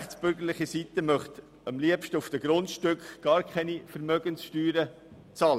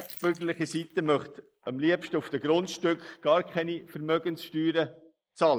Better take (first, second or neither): first